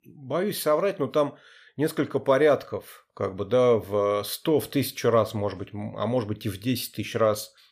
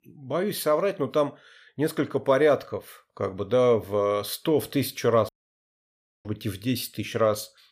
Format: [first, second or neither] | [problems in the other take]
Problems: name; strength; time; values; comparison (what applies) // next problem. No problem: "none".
first | audio cutting out; at 5.5 s for 1 s